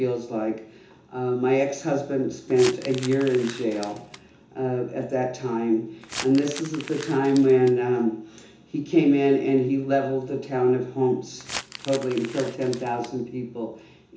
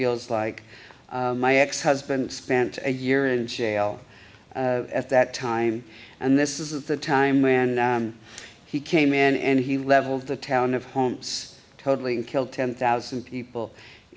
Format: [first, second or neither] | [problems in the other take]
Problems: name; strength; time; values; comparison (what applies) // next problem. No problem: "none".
second | background sound (Crumpling, crinkling); 14 dB below the speech // room echo; dies away in 0.6 s